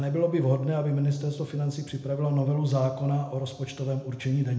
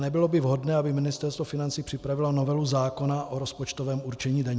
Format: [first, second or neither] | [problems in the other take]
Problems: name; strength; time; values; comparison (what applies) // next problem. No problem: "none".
second | room echo; dies away in 0.8 s